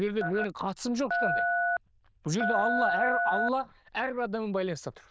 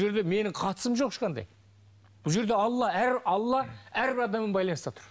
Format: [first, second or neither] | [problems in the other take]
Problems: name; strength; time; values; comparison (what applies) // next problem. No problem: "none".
second | noise reduction (neural diffusion model UNIVERSE++)